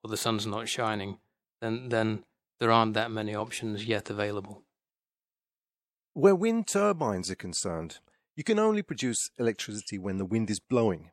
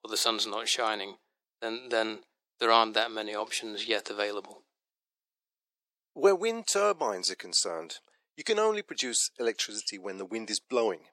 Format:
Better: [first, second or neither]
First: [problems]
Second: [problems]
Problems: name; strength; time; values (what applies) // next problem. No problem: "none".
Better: first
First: none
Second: thin; somewhat; fading below 350 Hz